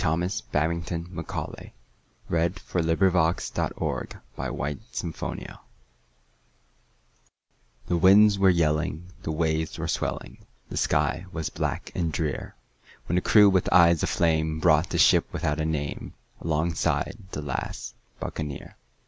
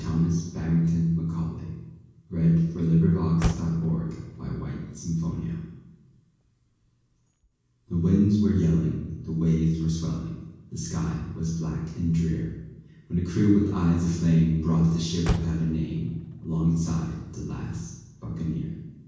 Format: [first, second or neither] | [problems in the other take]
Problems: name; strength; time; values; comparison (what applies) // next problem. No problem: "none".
first | background sound (Motor vehicle (road)); 16 dB below the speech // room echo; dies away in 1.2 s